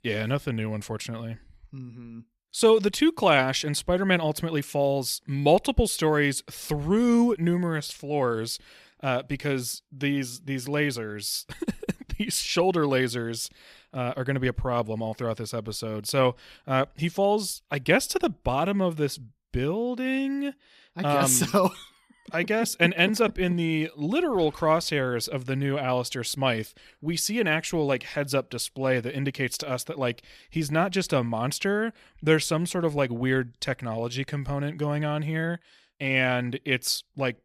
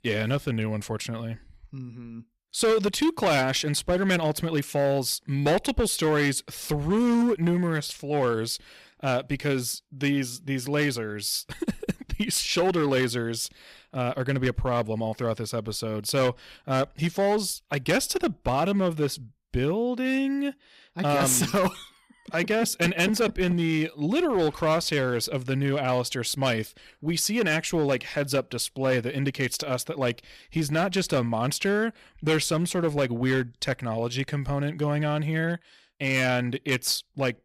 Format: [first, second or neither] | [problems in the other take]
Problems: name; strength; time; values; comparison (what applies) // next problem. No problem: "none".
first | distortion; slight; 6% of the sound clipped